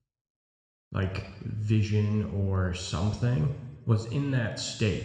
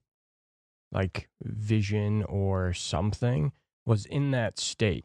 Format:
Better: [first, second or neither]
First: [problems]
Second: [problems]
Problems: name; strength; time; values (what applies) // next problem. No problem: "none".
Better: second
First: room echo; slight; dies away in 1.1 s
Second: none